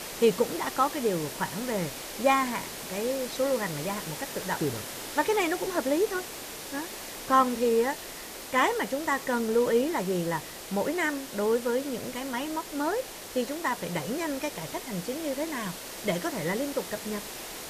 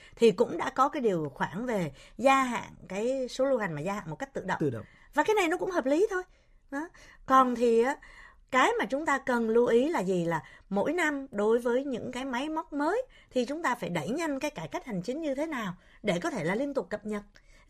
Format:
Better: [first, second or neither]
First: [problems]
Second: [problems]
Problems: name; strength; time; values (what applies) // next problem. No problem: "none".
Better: second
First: hiss; loud; throughout; 8 dB below the speech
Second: none